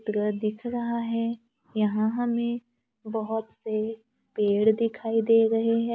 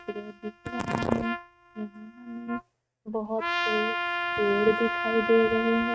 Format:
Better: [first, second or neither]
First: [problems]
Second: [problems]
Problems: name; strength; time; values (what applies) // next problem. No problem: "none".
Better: first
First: none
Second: noise reduction (neural mask model RNNoise)